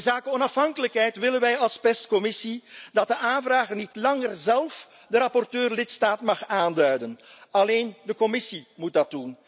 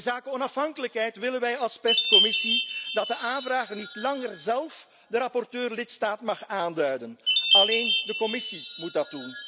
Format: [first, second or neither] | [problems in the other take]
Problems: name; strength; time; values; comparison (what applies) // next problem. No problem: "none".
first | background sound (Chime); 1 dB above the speech